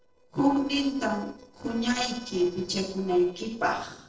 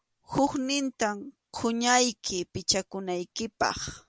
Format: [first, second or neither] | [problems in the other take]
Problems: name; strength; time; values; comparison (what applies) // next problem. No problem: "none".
second | noise reduction (neural separator model SepFormer DNS4)